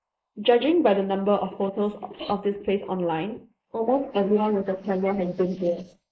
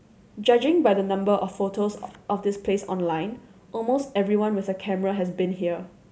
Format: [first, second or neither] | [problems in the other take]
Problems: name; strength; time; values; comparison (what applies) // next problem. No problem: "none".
second | noise reduction (neural mask model Resemble Enhance denoiser)